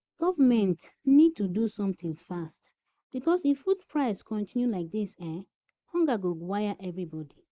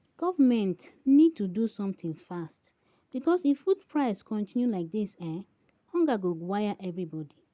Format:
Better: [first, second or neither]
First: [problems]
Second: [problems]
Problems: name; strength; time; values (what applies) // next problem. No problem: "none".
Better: second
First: noise reduction (neural mask model Resemble Enhance denoiser)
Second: none